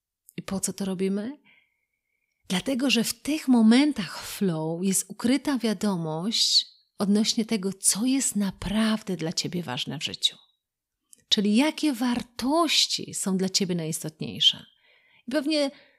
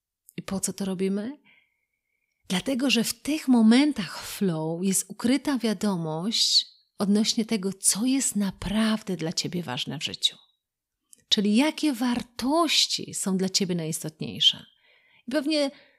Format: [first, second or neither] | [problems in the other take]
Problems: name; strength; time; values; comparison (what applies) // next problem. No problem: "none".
neither | none